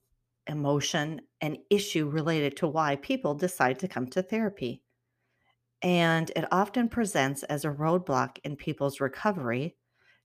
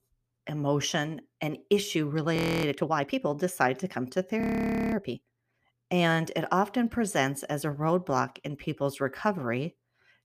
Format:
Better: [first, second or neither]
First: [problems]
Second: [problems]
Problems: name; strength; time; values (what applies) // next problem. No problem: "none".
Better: first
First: none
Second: audio freezing; at 2.5 s and at 4.5 s for 0.5 s